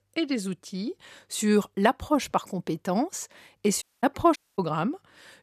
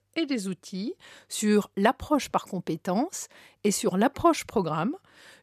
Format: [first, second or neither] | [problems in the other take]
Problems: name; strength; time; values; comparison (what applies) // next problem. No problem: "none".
second | audio cutting out; at 4 s and at 4.5 s